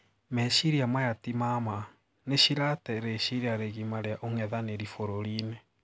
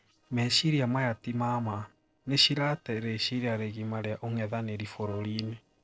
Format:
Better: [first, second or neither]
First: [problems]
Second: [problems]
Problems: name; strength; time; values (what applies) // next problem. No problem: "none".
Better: first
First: none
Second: noise reduction (neural separator model SepFormer DNS4)